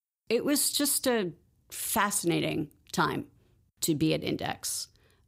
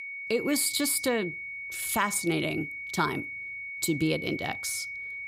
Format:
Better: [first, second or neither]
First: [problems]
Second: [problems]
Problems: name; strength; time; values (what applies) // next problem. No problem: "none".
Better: first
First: none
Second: high-pitched whine; loud; throughout; 2 kHz, 7 dB below the speech